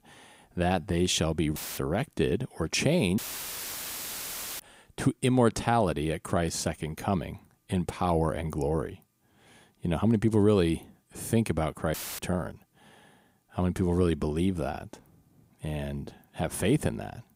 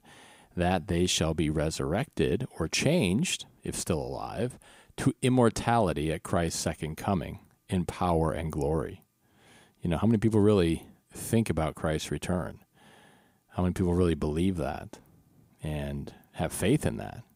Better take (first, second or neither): second